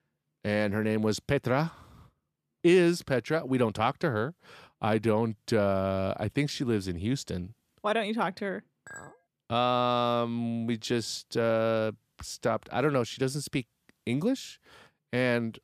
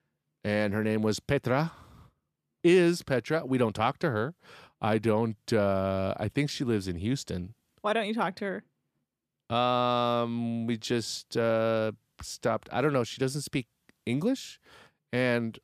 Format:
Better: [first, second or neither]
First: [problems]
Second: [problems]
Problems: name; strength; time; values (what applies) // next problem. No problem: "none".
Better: second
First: clattering dishes; faint; at 9 s; peak 15 dB below the speech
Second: none